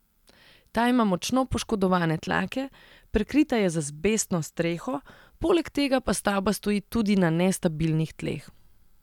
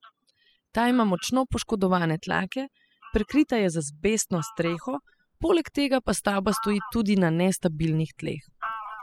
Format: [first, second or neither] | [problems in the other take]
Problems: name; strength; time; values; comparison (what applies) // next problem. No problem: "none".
first | noise reduction (classical method spectral subtraction)